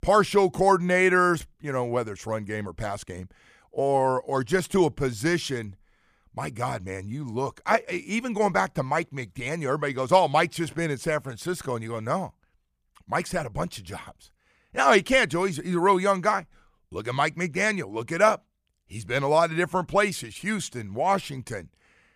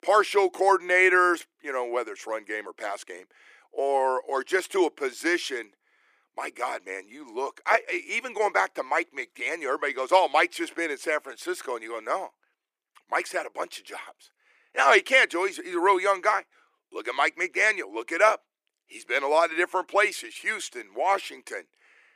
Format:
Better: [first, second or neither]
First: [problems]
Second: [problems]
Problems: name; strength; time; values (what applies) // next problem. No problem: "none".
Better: first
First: none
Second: thin; very; fading below 350 Hz